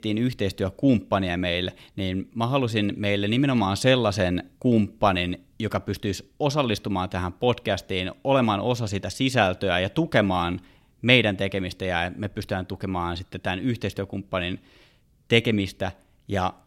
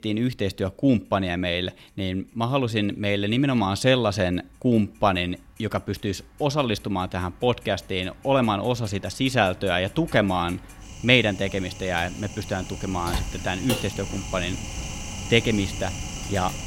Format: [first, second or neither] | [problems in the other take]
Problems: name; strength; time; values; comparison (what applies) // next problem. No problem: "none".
first | household noises; noticeable; throughout; 10 dB below the speech